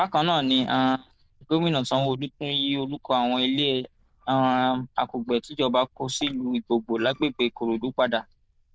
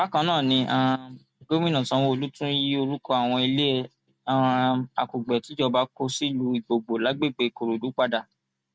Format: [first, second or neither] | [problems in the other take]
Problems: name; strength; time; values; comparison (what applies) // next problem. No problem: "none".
second | noise reduction (neural diffusion model UNIVERSE++)